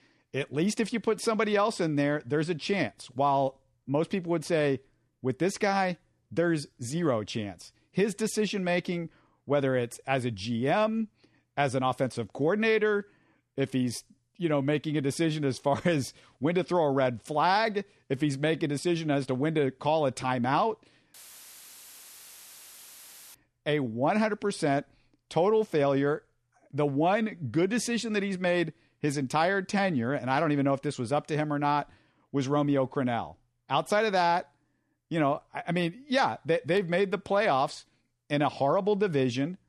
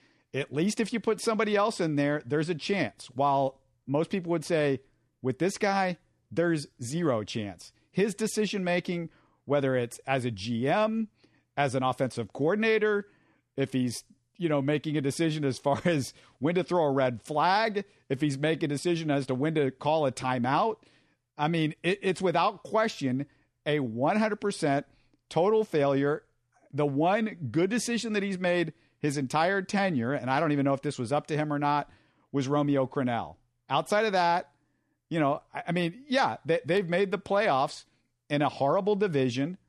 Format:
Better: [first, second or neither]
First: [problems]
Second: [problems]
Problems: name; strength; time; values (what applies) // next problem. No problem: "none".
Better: second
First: audio cutting out; filled with static; at 21 s for 2 s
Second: none